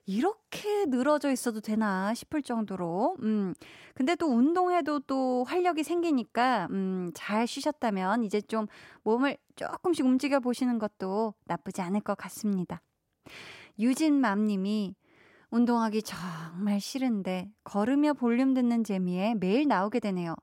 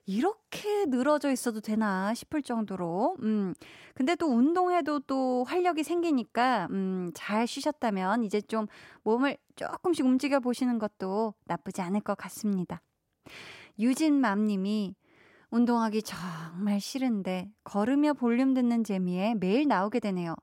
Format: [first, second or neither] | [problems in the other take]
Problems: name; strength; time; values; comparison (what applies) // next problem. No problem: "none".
neither | none